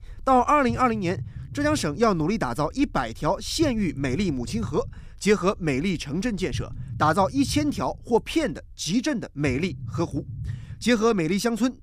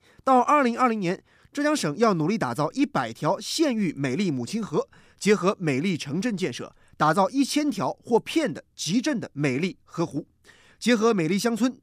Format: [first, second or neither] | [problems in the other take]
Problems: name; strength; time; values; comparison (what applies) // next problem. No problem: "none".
second | low rumble; faint; throughout; 25 dB below the speech